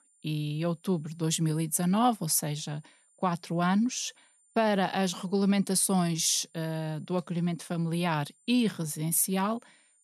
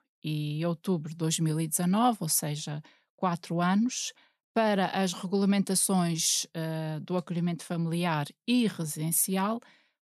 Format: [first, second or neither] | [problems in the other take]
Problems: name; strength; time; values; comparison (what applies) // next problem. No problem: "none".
second | high-pitched whine; faint; throughout; 9 kHz, 35 dB below the speech